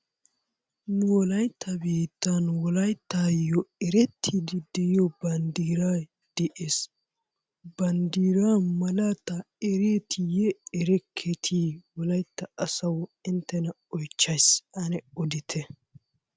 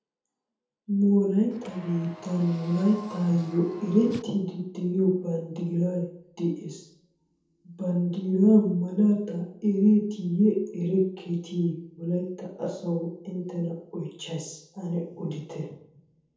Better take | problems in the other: first | background sound (Car); 18 dB below the speech // room echo; dies away in 0.7 s

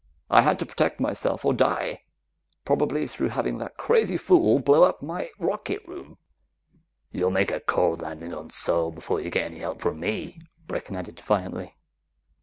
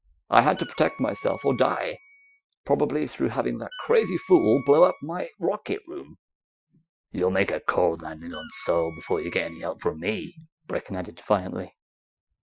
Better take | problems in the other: first | noise reduction (classical method Wiener filter)

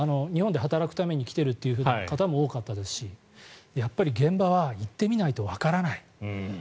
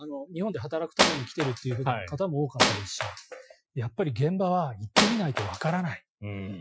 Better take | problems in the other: first | noise reduction (classical method Wiener filter)

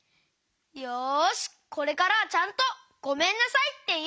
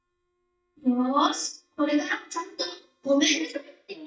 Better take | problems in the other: first | noise reduction (neural mask model DeepFilterNet 3)

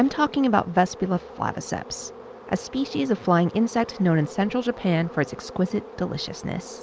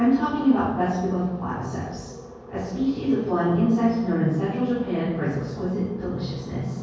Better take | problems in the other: first | room echo; dies away in 1.3 s

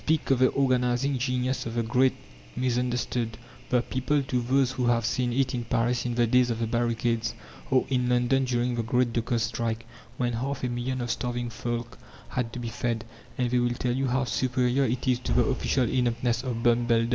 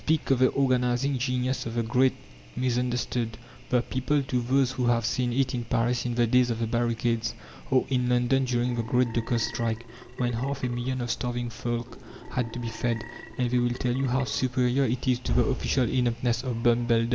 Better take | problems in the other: first | background sound (Burping, eructation); 18 dB below the speech

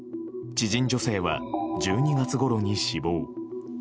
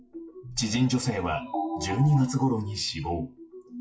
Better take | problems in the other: first | noise reduction (classical method WPE with log-MMSE)

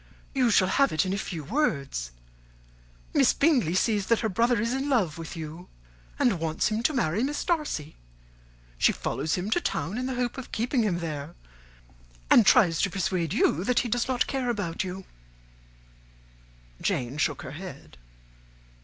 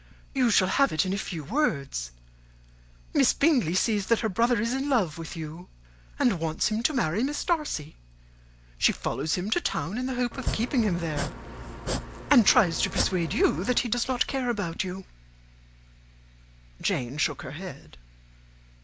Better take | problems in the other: first | background sound (Domestic sounds, home sounds); 6 dB below the speech

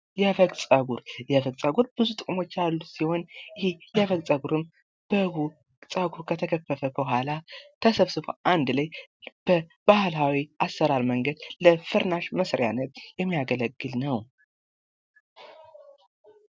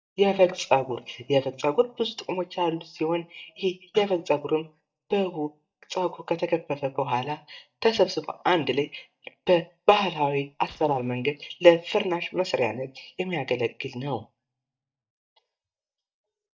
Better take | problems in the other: first | noise reduction (neural mask model DeepFilterNet 3)

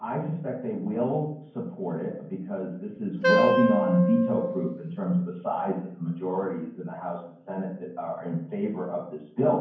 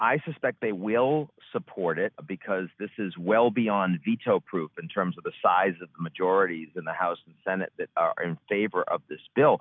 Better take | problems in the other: second | background sound (Wind instrument, woodwind instrument); 2 dB above the speech // room echo; dies away in 0.9 s

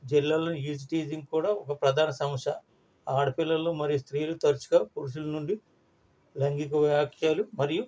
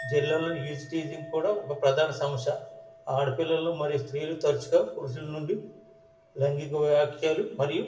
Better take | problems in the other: first | background sound (Chink, clink); 18 dB below the speech // room echo; dies away in 0.7 s

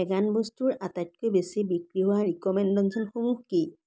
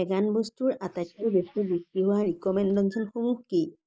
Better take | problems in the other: first | noise reduction (neural mask model Resemble Enhance denoiser)

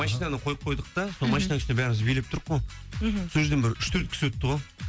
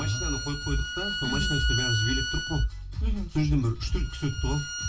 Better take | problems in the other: first | background sound (Bowed string instrument); 6 dB below the speech // room echo; dies away in 0.2 s

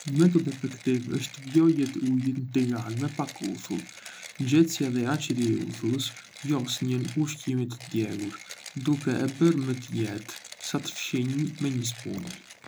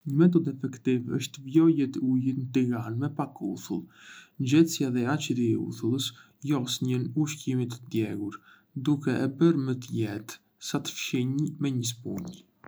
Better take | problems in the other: second | background sound (Mechanisms); 18 dB below the speech

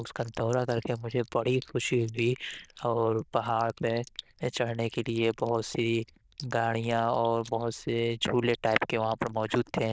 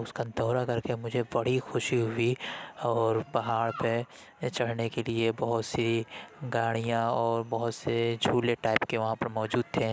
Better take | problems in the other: second | noise reduction (neural diffusion model UNIVERSE++)

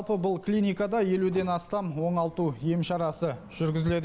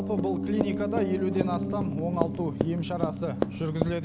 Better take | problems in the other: first | background sound (Run + Piano); as loud as the speech

